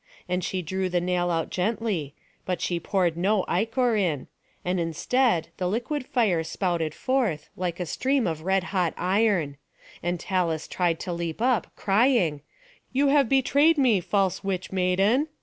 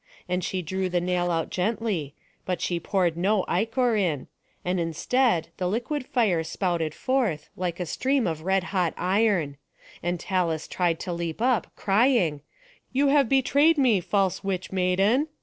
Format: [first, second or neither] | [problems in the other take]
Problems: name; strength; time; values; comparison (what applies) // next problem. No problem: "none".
first | noise reduction (neural separator model SepFormer DNS4)